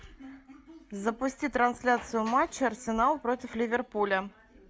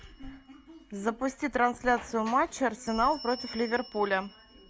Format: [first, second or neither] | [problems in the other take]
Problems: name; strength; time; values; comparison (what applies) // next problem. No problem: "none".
first | background sound (Bass drum + Bell); 18 dB below the speech